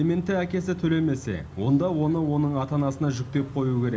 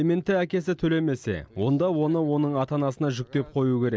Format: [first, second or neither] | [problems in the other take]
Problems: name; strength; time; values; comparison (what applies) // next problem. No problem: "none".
second | background sound (Idling / Accelerating, revving, vroom / Car); 16 dB below the speech // room echo; dies away in 0.4 s